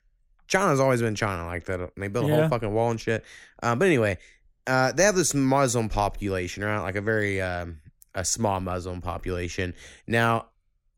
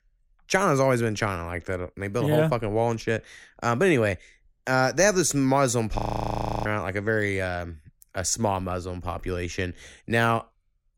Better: first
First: none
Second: audio freezing; at 6 s for 0.5 s

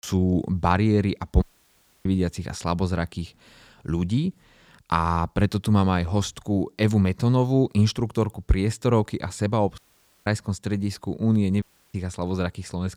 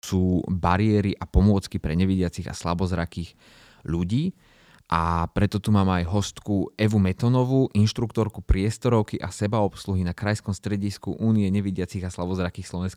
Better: second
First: audio cutting out; at 1.5 s for 0.5 s, at 10 s and at 12 s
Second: none

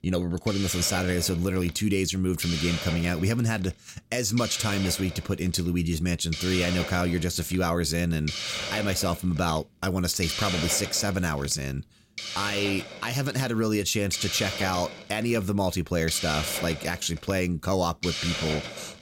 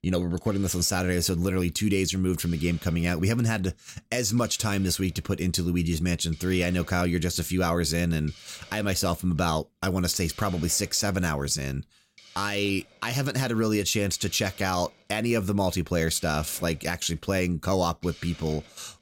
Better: second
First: hiss; loud; throughout; 6 dB below the speech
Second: hiss; faint; throughout; 25 dB below the speech

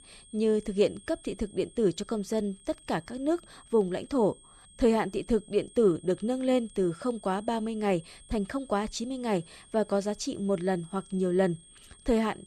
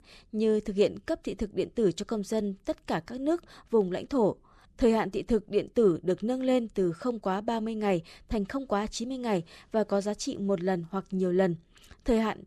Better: second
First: high-pitched whine; faint; throughout; 8.5 kHz, 25 dB below the speech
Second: none

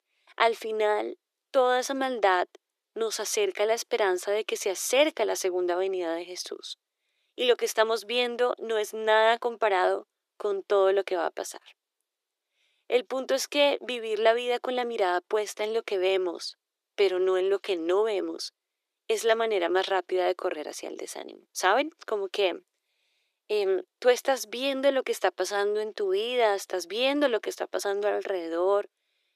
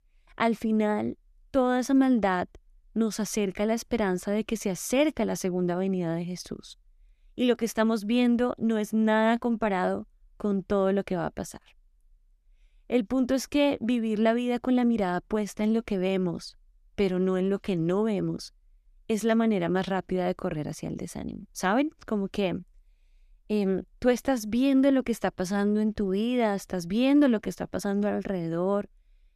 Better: second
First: thin; very; fading below 350 Hz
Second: none

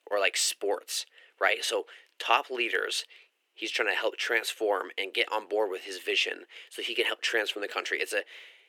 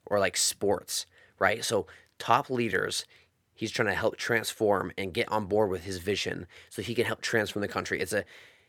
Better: second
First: thin; very; fading below 350 Hz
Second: none

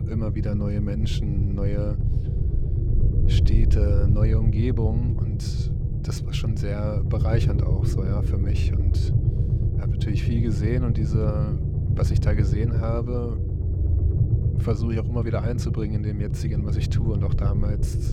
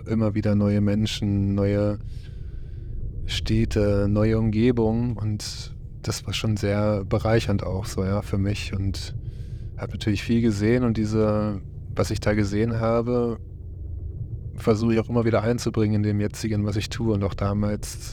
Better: second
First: low rumble; loud; throughout; 3 dB below the speech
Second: low rumble; faint; throughout; 20 dB below the speech

